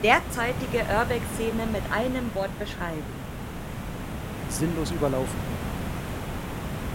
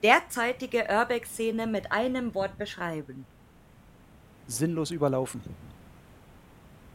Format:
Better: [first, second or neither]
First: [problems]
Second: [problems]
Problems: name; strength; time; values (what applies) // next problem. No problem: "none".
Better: second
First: hiss; loud; throughout; 6 dB below the speech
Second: hiss; faint; throughout; 25 dB below the speech